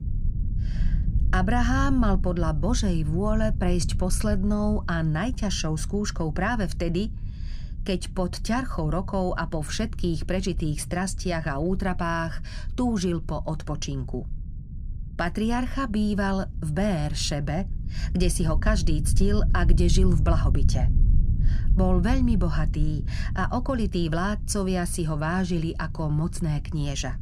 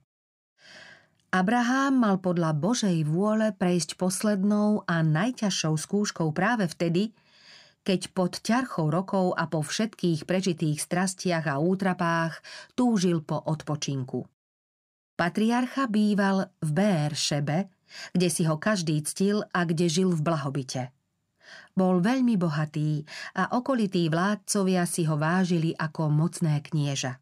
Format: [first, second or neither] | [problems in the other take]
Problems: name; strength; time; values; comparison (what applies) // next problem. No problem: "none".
second | low rumble; noticeable; throughout; 15 dB below the speech